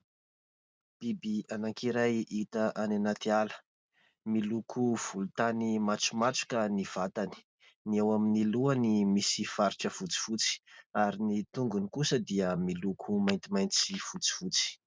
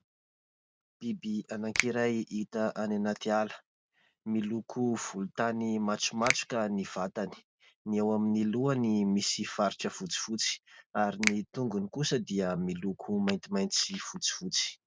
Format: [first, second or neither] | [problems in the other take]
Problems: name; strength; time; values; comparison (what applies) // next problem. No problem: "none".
first | background sound (Finger snapping); 8 dB below the speech